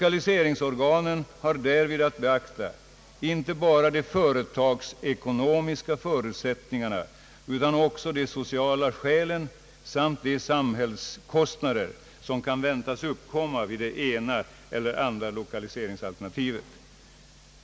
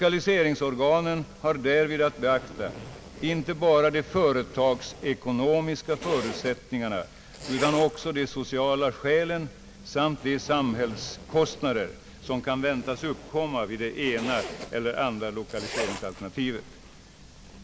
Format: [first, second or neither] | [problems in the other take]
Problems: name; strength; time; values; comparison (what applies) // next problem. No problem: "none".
first | background sound (Zipper (clothing)); 15 dB below the speech